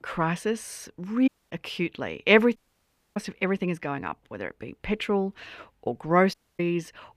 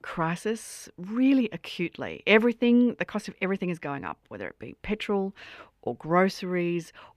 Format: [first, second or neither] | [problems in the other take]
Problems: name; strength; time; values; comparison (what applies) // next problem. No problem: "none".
second | audio cutting out; at 1.5 s, at 2.5 s for 0.5 s and at 6.5 s